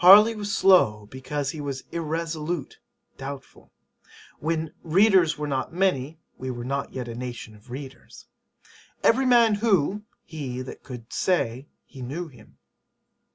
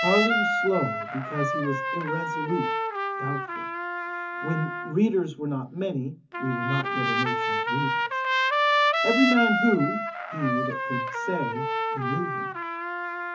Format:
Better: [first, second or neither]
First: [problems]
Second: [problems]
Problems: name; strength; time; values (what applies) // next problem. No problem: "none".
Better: first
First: none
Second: background sound (Trumpet); 1 dB above the speech // room echo; dies away in 0.3 s